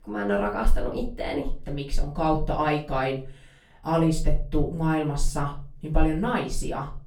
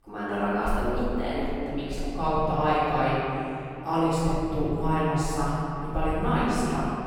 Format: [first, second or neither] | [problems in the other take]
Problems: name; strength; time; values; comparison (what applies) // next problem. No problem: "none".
first | room echo; strong; dies away in 2.7 s; slight in the first // off-mic speech; far; far in the first